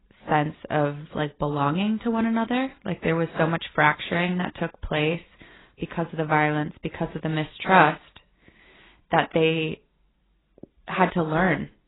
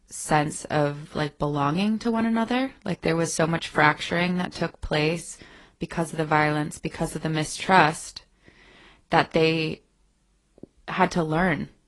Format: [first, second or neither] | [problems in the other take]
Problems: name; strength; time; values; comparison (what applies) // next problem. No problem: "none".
second | garbled, watery; badly; nothing above 4 kHz; slightly in the second